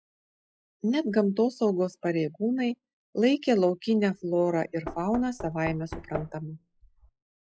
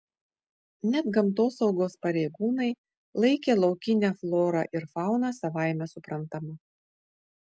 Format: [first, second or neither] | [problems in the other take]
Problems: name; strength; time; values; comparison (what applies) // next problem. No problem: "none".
second | noise reduction (classical method log-MMSE)